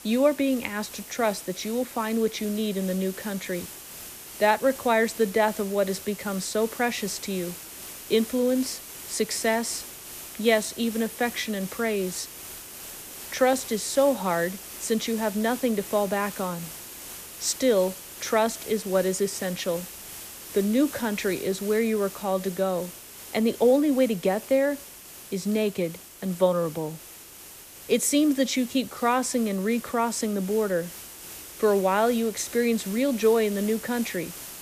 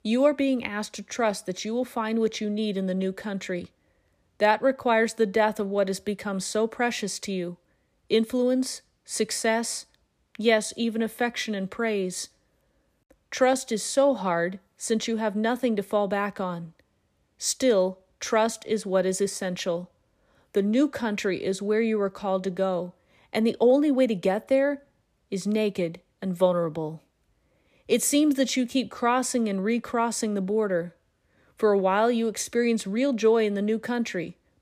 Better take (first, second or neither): second